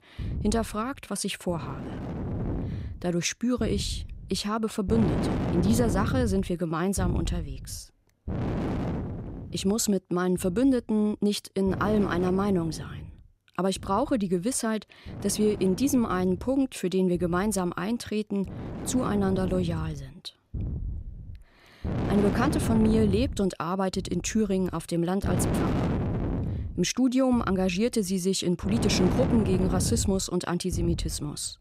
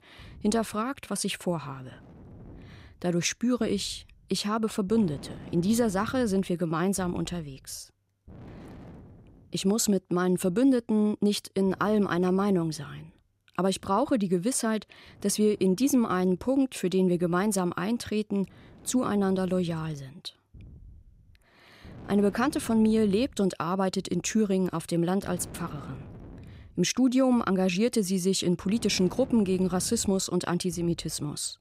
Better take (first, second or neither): second